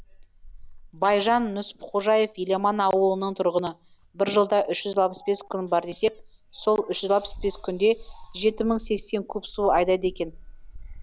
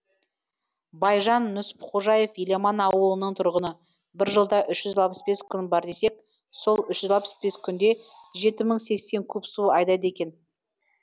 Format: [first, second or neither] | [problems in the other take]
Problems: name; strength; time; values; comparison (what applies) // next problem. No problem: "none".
second | background sound (Keys jangling); 19 dB below the speech